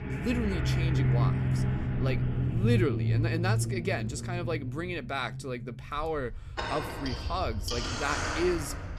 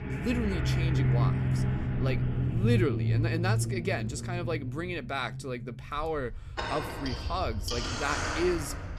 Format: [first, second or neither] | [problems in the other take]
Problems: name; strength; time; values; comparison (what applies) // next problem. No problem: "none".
neither | traffic noise; very loud; throughout; 3 dB above the speech; the same in both